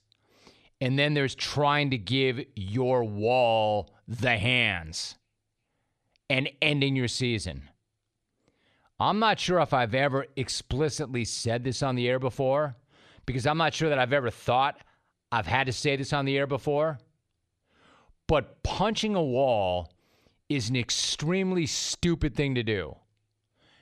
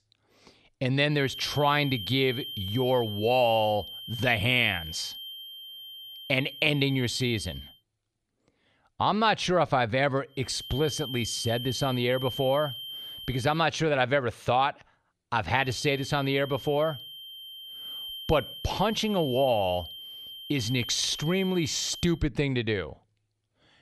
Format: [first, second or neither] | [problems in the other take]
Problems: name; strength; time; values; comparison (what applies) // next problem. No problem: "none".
first | high-pitched whine; noticeable; from 1.5 to 7.5 s, from 10 to 14 s and from 16 to 22 s; 3 kHz, 10 dB below the speech